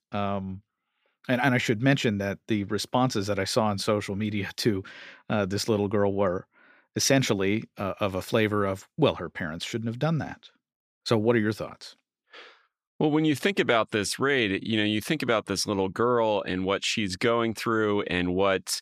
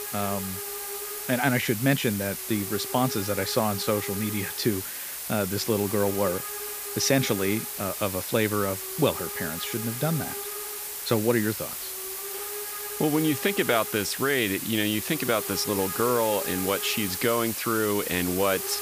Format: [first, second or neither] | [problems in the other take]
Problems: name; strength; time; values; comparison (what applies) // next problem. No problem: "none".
first | hiss; loud; throughout; 5 dB below the speech